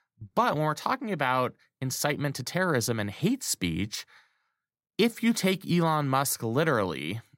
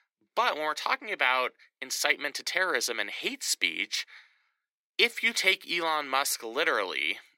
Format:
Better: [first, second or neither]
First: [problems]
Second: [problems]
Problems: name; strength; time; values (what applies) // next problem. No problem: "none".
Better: first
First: none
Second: thin; very; fading below 350 Hz